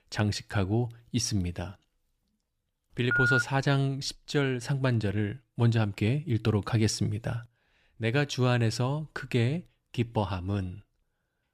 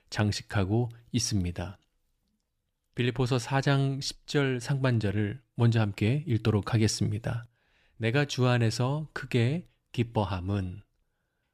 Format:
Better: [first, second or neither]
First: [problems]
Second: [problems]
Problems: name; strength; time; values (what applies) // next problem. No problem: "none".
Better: second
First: phone ringing; loud; at 3 s; peak 4 dB above the speech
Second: none